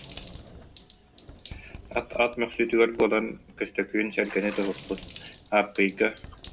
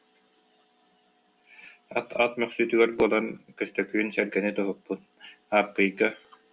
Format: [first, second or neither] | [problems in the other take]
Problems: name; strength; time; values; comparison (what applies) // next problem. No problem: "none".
second | background sound (Sliding door + Water / Splash, splatter); 18 dB below the speech